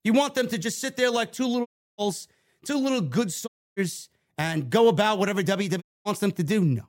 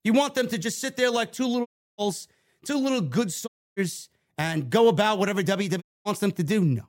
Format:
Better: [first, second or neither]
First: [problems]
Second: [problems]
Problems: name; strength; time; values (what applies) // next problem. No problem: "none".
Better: neither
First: audio cutting out; at 1.5 s, at 3.5 s and at 6 s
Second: audio cutting out; at 1.5 s, at 3.5 s and at 6 s